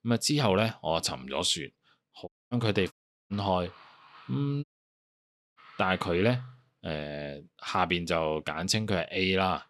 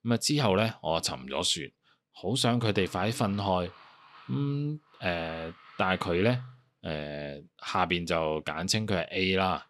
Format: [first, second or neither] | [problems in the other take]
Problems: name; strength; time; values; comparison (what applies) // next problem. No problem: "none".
second | audio cutting out; at 2.5 s, at 3 s and at 4.5 s for 1 s